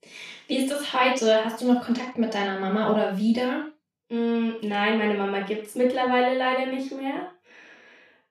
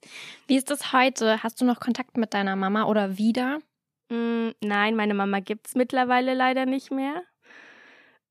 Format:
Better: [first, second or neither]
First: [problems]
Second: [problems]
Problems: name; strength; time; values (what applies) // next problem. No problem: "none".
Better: second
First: room echo; noticeable; dies away in 0.3 s // off-mic speech; far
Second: none